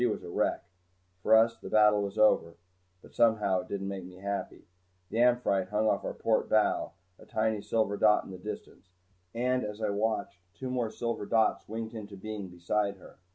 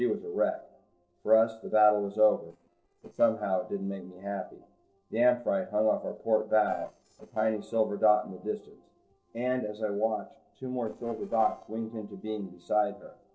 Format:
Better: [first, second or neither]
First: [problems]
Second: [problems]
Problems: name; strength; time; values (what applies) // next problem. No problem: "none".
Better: first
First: none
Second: noise reduction (neural separator model SepFormer DNS4)